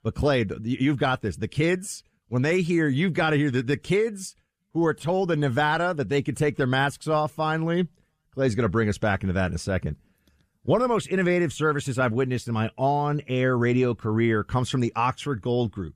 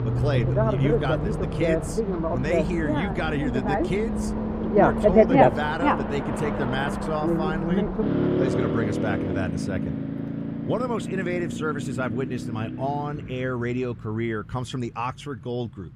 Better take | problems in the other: first | traffic noise; very loud; throughout; 4 dB above the speech

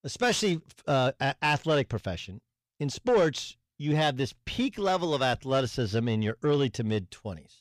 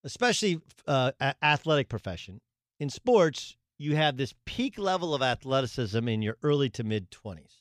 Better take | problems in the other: second | distortion; slight; 10 dB below the speech

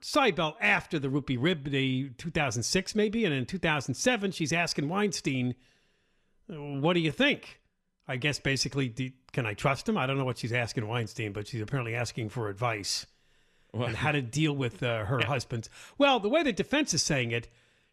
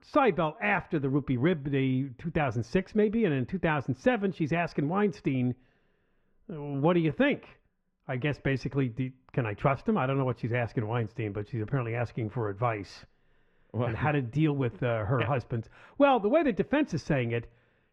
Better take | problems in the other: first | muffled; very; fading above 3.5 kHz

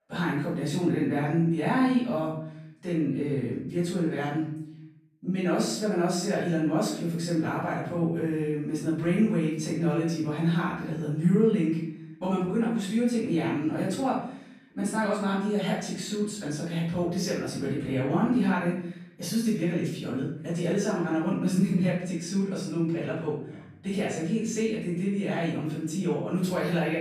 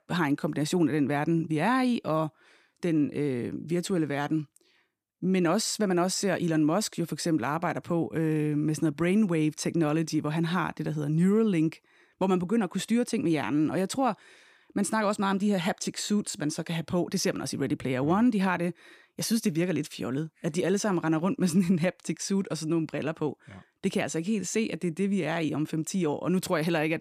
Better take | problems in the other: second | off-mic speech; far // room echo; noticeable; dies away in 0.7 s

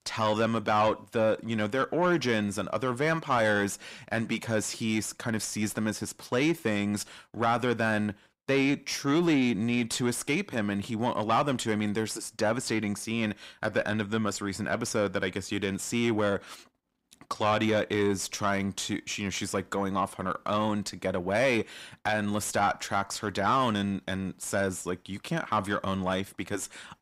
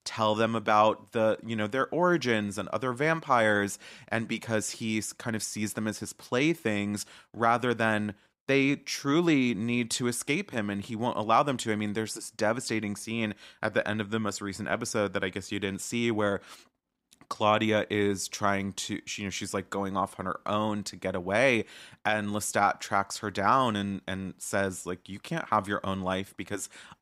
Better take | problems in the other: second | distortion; slight; 10 dB below the speech

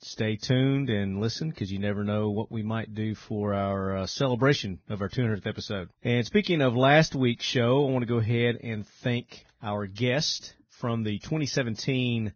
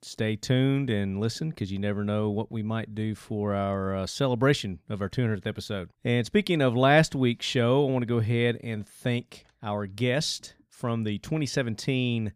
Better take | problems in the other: second | garbled, watery; badly; nothing above 6.5 kHz

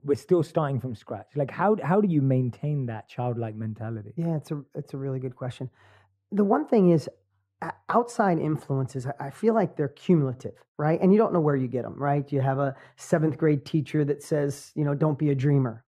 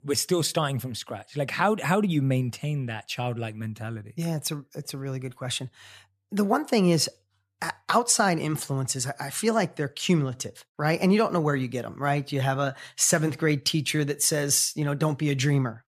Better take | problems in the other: second | muffled; very; fading above 2 kHz

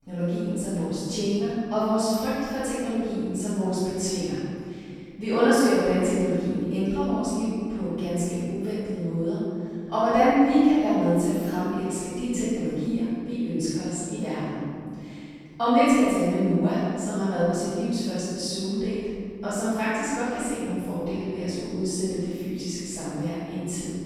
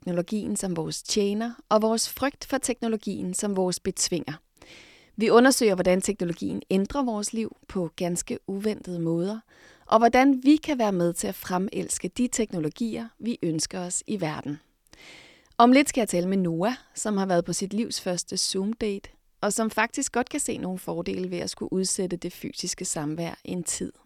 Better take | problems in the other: second | off-mic speech; far // room echo; strong; dies away in 2.6 s

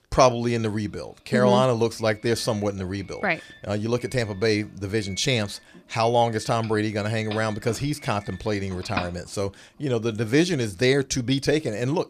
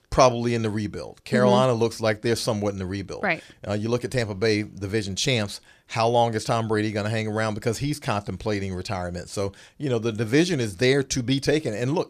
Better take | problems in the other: second | doorbell; noticeable; from 7.5 to 9 s; peak 7 dB below the speech

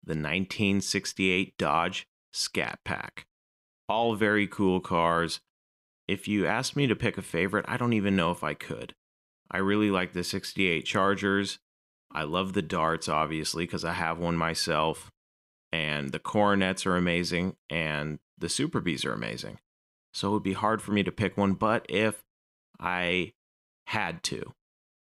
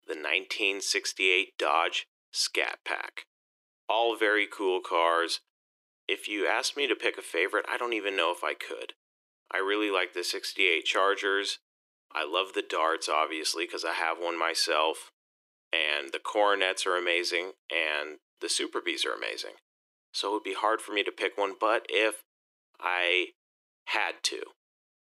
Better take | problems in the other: first | thin; very; fading below 350 Hz

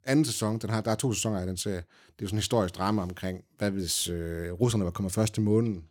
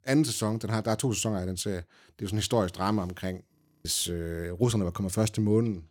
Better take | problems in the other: first | audio freezing; at 3.5 s

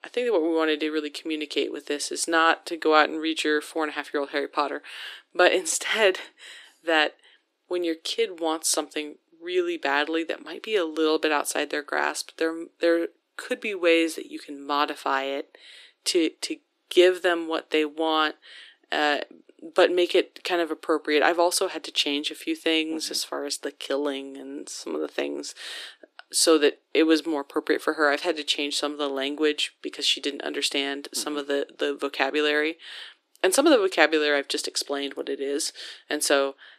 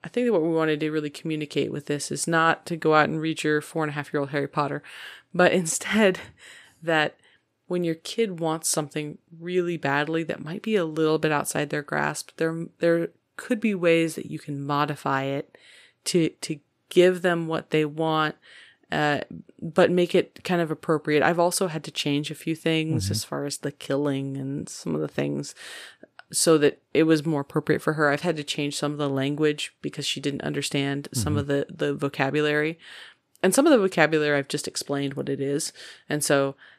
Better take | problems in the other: second | thin; somewhat; fading below 300 Hz

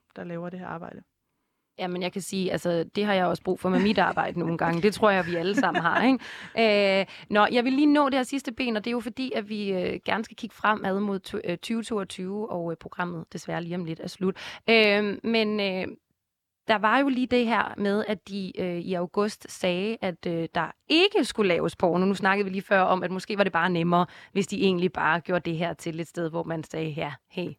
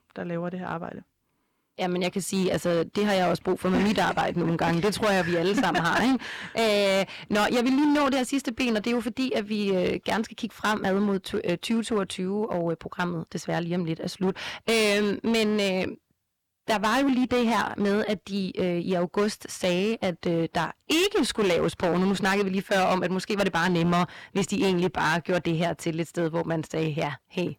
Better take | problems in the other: first | distortion; heavy; 13% of the sound clipped

